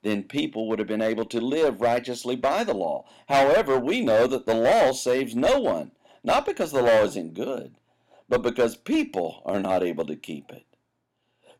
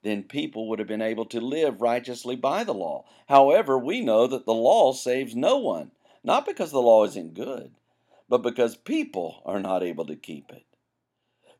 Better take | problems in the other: second | distortion; heavy; 7% of the sound clipped

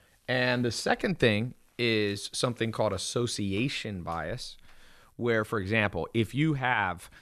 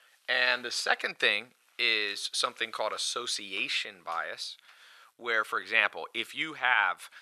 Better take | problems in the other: first | thin; very; fading below 700 Hz

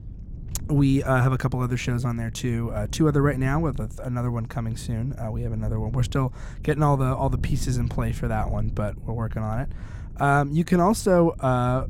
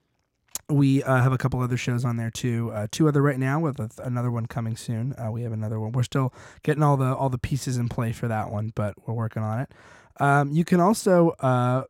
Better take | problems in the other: second | wind noise on the microphone; occasional gusts; 20 dB below the speech

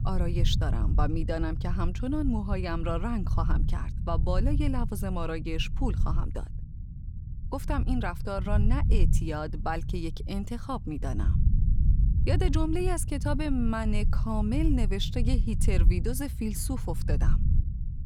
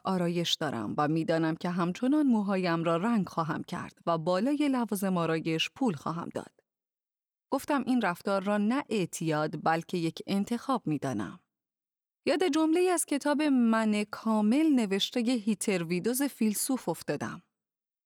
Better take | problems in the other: second | low rumble; noticeable; throughout; 10 dB below the speech

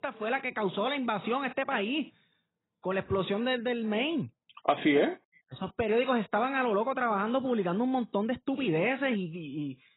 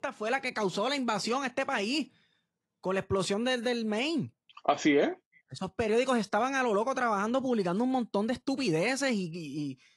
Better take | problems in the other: second | garbled, watery; badly; nothing above 4 kHz; slightly in the second

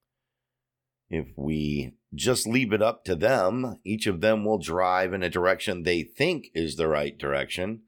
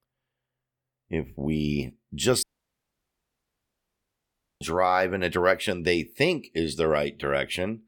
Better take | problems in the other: first | audio cutting out; at 2.5 s for 2 s

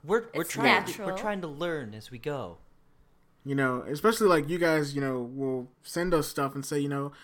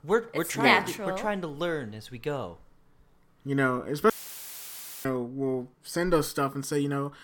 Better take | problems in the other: first | audio cutting out; filled with static; at 4 s for 1 s

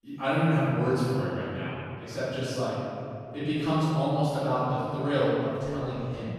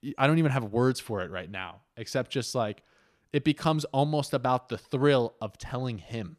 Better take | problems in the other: second | off-mic speech; far // room echo; strong; dies away in 2.6 s

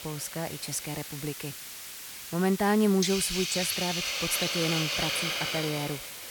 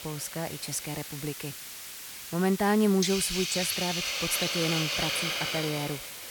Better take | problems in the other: neither | hiss; loud; throughout; 1 dB below the speech; the same in both

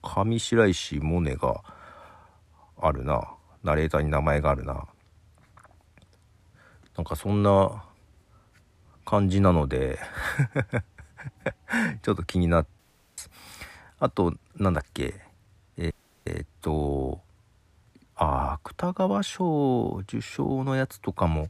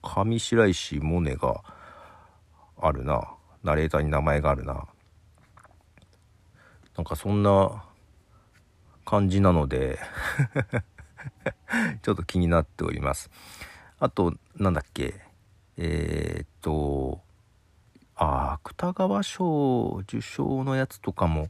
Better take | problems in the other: second | audio cutting out; at 13 s and at 16 s

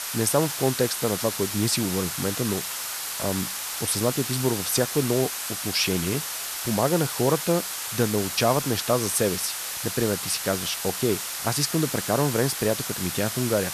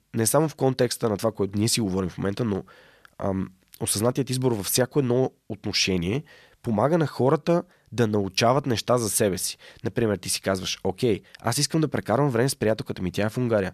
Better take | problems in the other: second | hiss; loud; throughout; 3 dB below the speech

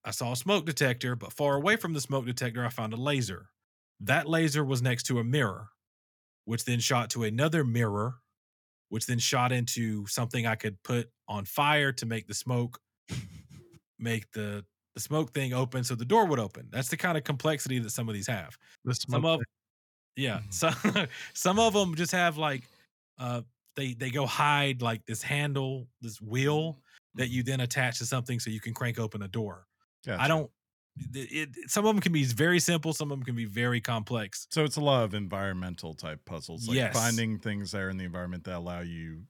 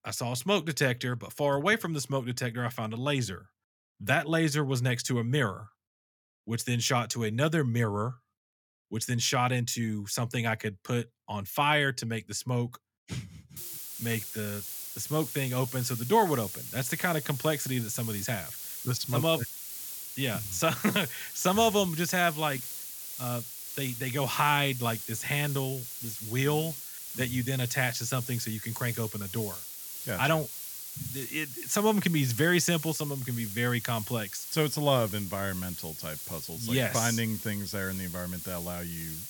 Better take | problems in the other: first | hiss; loud; from 14 s on; 8 dB below the speech

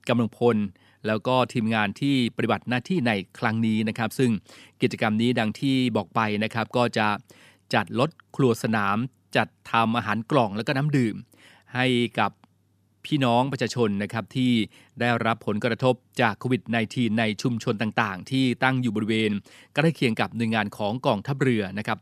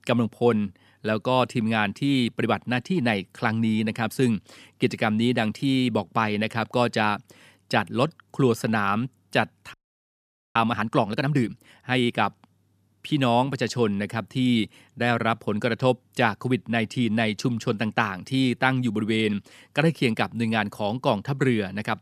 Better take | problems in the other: first | audio freezing; at 9.5 s for 1 s

